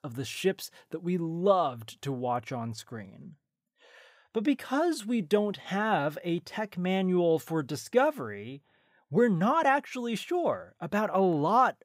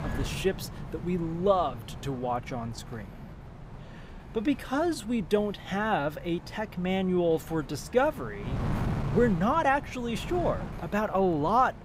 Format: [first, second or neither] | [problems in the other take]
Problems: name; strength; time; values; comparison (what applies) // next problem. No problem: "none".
first | wind noise on the microphone; occasional gusts; 15 dB below the speech